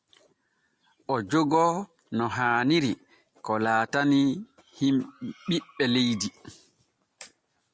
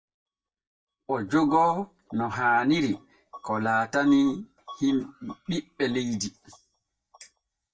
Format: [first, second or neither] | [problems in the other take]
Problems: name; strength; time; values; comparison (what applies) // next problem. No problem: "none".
first | noise reduction (neural mask model DeepFilterNet 3)